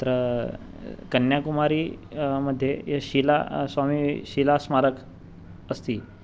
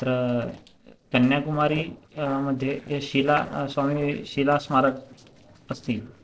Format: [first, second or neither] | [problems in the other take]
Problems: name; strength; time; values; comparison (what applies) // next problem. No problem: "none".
first | noise reduction (neural separator model SepFormer DNS4)